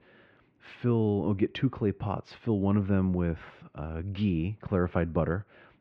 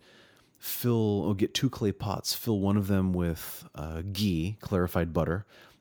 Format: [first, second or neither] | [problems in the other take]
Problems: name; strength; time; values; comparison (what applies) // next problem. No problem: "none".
second | muffled; very; fading above 2.5 kHz